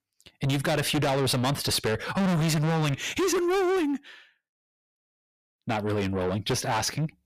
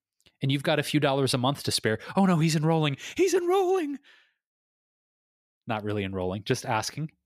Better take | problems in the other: second | distortion; heavy; 5 dB below the speech

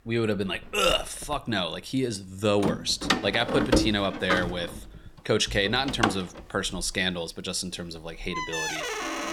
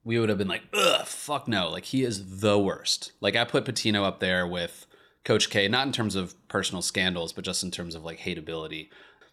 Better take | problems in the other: second | household noises; loud; throughout; 3 dB below the speech

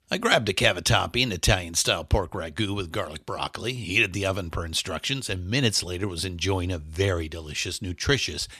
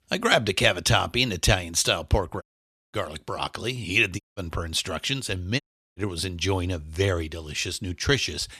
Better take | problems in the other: first | audio cutting out; at 2.5 s for 0.5 s, at 4 s and at 5.5 s

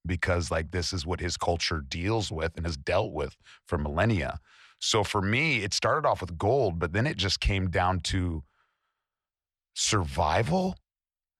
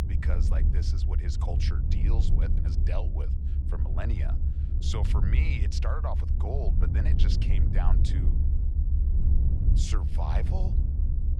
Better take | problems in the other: first | low rumble; loud; throughout; 4 dB below the speech

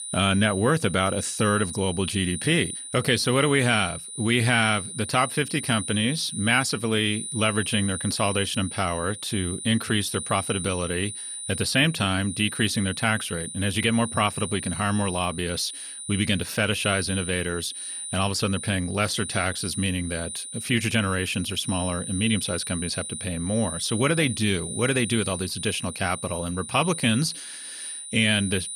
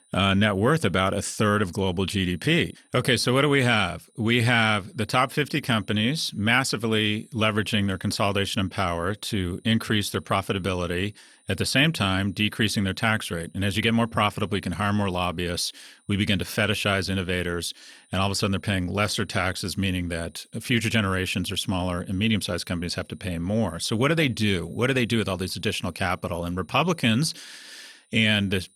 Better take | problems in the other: second | high-pitched whine; loud; throughout; 9.5 kHz, 8 dB below the speech; faint in the second

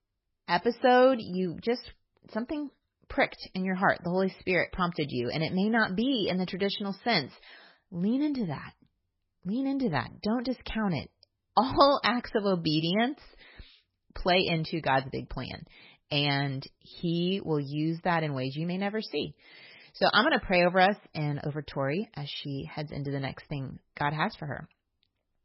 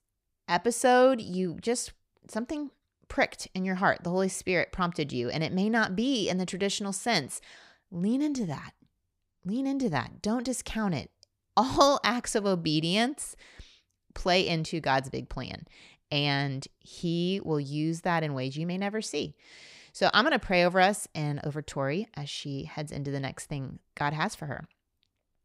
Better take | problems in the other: second | garbled, watery; badly; nothing above 5.5 kHz

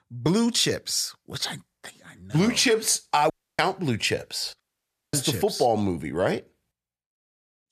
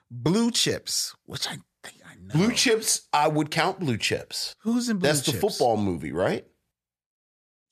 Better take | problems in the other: second | audio cutting out; at 3.5 s and at 4.5 s for 0.5 s

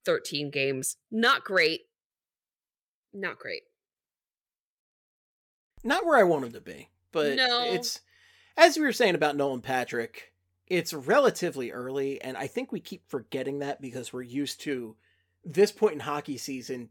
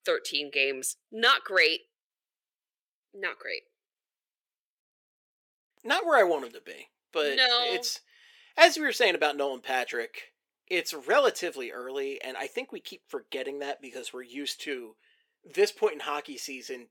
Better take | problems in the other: first | thin; somewhat; fading below 350 Hz

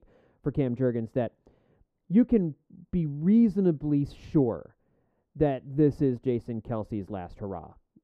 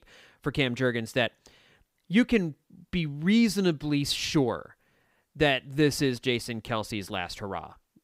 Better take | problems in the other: second | muffled; very; fading above 1.5 kHz

